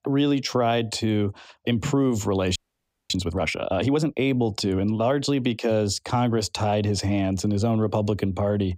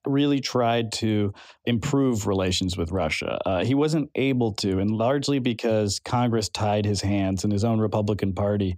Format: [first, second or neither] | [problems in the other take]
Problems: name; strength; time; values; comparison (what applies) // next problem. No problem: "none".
second | audio freezing; at 2.5 s for 0.5 s